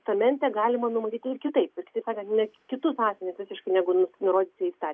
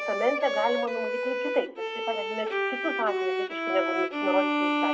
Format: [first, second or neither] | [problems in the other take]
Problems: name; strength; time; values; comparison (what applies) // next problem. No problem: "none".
first | background sound (Bowed string instrument); 1 dB above the speech // room echo; dies away in 0.3 s